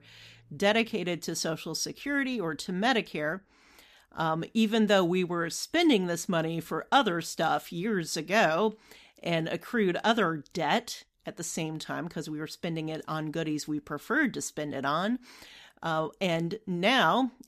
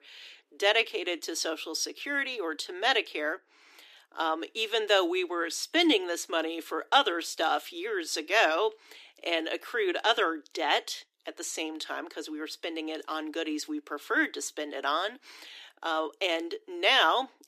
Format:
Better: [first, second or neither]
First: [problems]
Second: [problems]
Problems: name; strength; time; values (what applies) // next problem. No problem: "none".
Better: first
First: none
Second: thin; somewhat; fading below 300 Hz